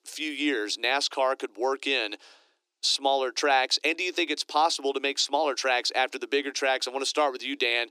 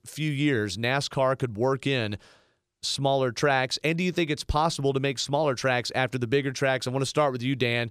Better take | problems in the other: second | thin; somewhat; fading below 300 Hz

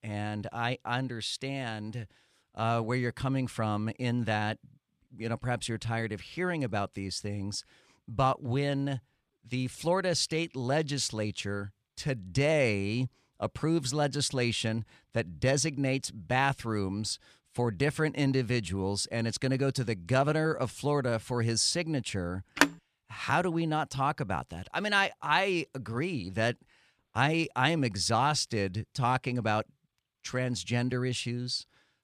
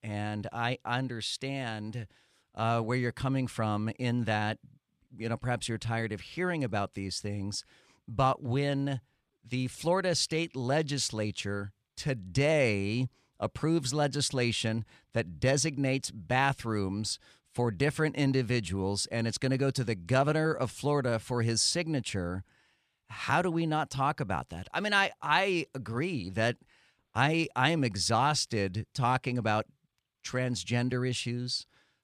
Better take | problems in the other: second | phone ringing; loud; at 23 s; peak 3 dB above the speech

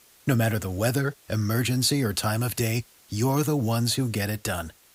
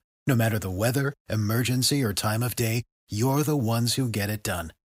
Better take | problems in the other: second | hiss; faint; throughout; 30 dB below the speech

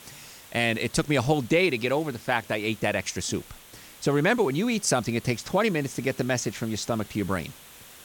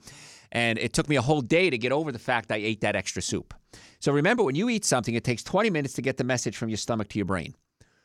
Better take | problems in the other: second | hiss; noticeable; throughout; 20 dB below the speech

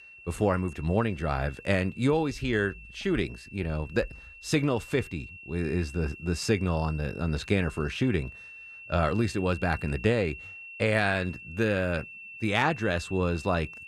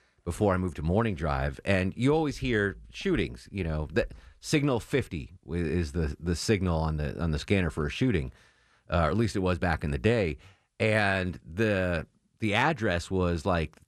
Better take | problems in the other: second | high-pitched whine; noticeable; throughout; 2.5 kHz, 15 dB below the speech

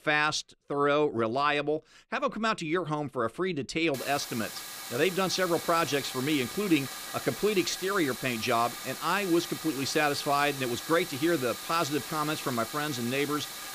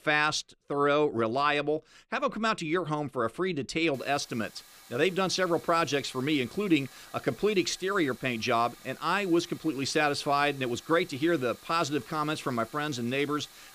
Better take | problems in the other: second | hiss; loud; from 4 s on; 9 dB below the speech; faint in the second

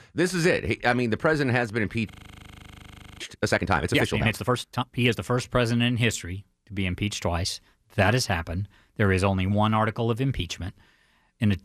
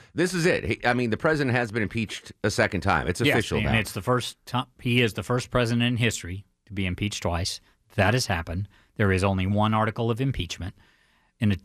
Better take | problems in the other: second | audio freezing; at 2 s for 1 s

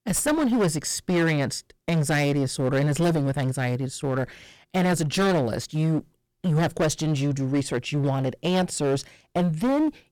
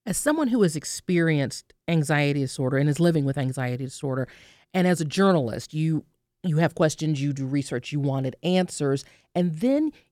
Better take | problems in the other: second | distortion; heavy; 17% of the sound clipped

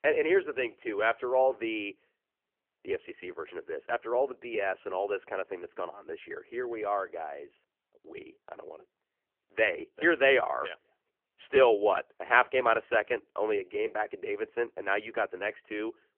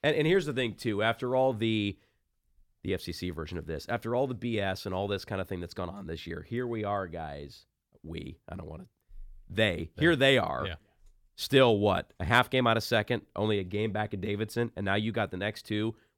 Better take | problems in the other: second | phone-call audio; poor line; nothing above 3 kHz

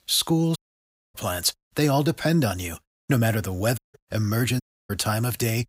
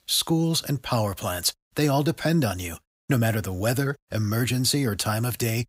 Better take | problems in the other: second | audio cutting out; at 0.5 s for 0.5 s, at 4 s and at 4.5 s

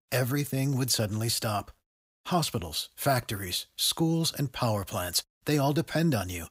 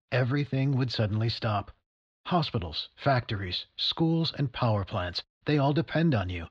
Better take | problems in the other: first | muffled; very slightly; fading above 4 kHz

